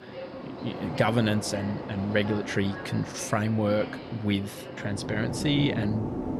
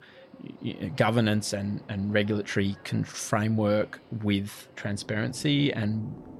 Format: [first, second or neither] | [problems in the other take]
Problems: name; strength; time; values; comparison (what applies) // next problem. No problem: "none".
second | train or aircraft noise; loud; throughout; 7 dB below the speech; faint in the second